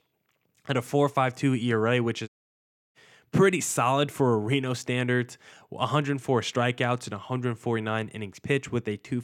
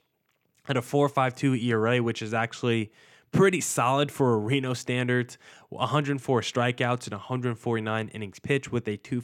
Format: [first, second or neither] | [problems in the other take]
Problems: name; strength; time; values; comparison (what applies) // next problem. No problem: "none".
second | audio cutting out; at 2.5 s for 0.5 s